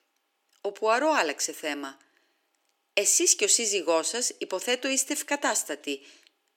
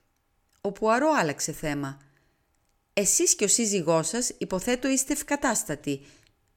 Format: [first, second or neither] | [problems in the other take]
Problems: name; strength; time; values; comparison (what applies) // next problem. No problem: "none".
second | thin; very slightly; fading below 300 Hz